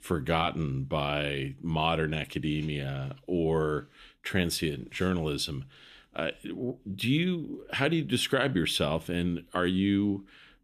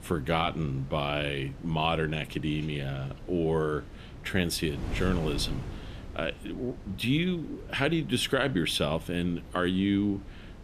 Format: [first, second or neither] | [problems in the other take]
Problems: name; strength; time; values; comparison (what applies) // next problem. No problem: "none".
first | wind noise on the microphone; occasional gusts; 20 dB below the speech